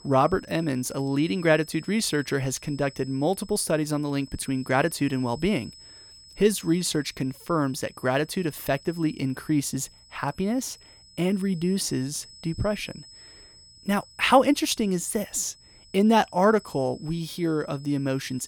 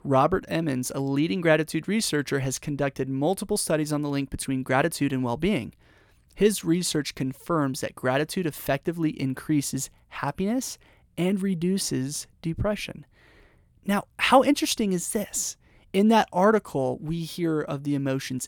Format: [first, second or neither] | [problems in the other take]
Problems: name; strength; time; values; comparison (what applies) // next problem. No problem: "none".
second | high-pitched whine; faint; throughout; 5 kHz, 20 dB below the speech